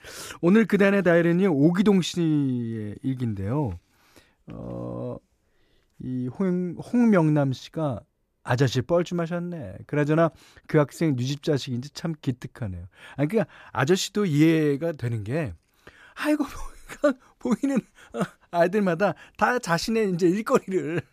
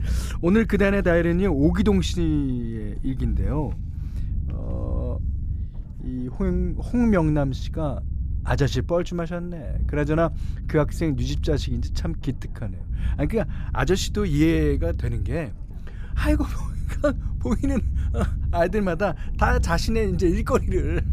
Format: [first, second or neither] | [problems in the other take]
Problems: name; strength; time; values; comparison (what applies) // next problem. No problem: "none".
first | low rumble; noticeable; throughout; 20 dB below the speech